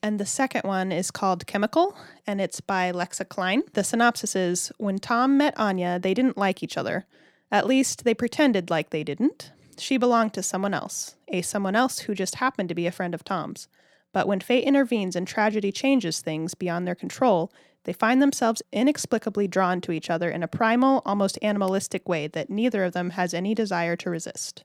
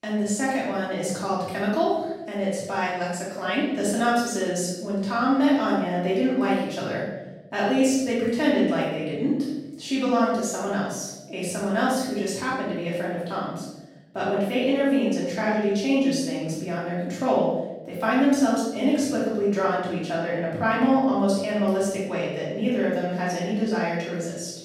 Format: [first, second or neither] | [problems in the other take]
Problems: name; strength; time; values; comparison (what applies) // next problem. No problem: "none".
first | off-mic speech; far // room echo; noticeable; dies away in 0.9 s